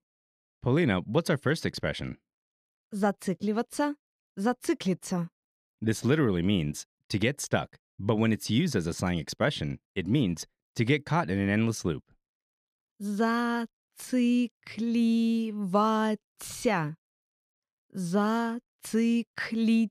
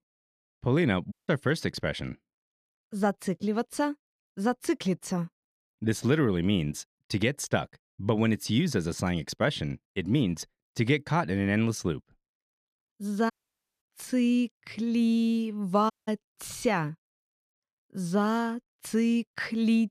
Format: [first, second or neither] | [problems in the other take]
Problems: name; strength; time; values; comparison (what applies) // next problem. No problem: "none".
first | audio cutting out; at 1 s, at 13 s for 0.5 s and at 16 s